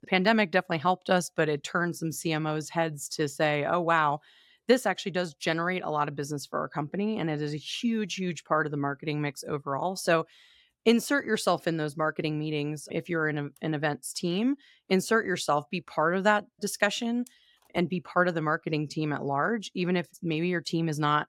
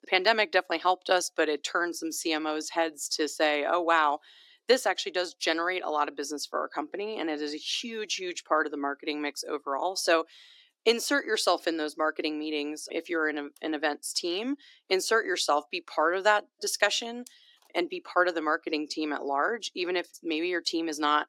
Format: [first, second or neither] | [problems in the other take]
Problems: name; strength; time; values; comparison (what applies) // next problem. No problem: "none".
first | thin; somewhat; fading below 300 Hz